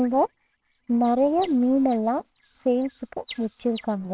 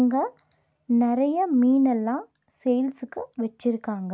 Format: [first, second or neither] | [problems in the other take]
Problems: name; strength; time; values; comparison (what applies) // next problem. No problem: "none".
second | noise reduction (neural separator model SepFormer WHAMR!)